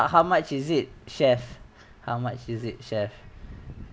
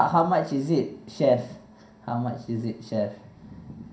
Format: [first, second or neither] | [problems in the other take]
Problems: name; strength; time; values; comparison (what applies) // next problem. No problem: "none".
first | room echo; dies away in 0.5 s